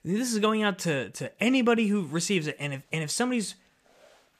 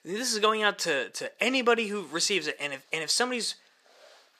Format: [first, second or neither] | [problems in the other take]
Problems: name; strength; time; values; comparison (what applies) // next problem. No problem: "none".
first | thin; somewhat; fading below 450 Hz